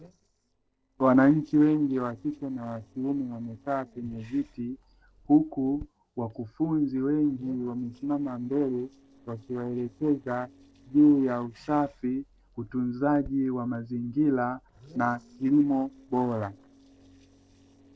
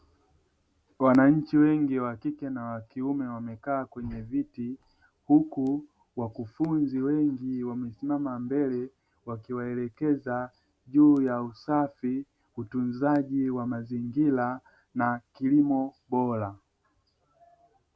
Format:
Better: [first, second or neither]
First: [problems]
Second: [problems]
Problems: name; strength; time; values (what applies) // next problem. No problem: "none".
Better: second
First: noise reduction (neural separator model SepFormer DNS4)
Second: none